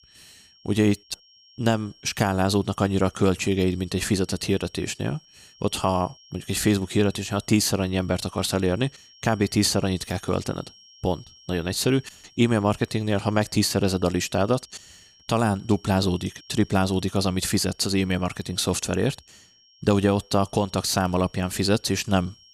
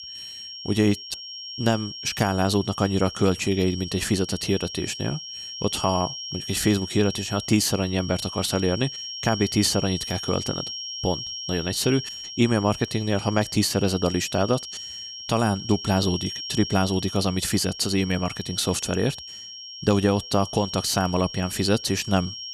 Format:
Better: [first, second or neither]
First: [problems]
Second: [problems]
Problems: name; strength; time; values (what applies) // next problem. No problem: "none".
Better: first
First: high-pitched whine; faint; throughout; 5.5 kHz, 25 dB below the speech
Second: high-pitched whine; loud; throughout; 5.5 kHz, 9 dB below the speech